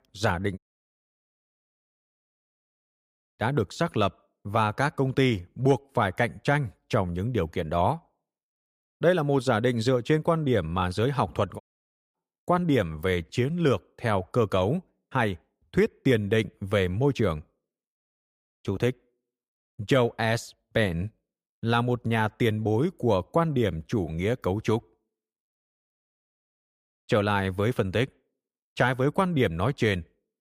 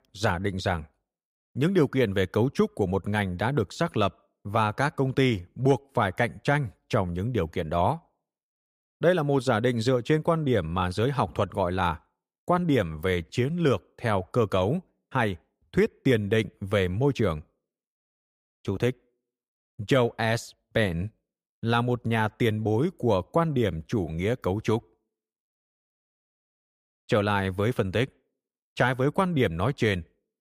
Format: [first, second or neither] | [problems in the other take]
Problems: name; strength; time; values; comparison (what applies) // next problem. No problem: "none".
second | audio cutting out; at 0.5 s for 3 s and at 12 s for 0.5 s